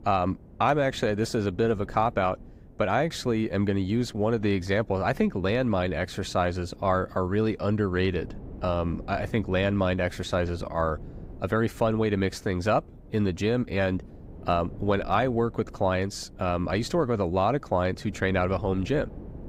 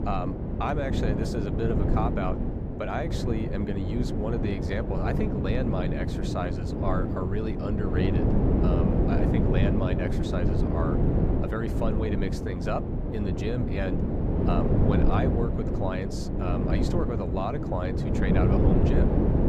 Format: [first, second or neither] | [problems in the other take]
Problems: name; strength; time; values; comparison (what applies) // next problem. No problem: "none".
first | wind noise on the microphone; heavy; as loud as the speech; occasional gusts in the first